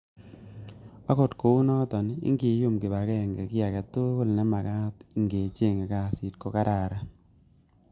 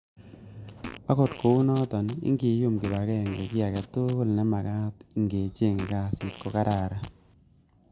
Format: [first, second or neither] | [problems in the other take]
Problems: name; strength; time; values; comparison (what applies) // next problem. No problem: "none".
first | background sound (Fart); 18 dB below the speech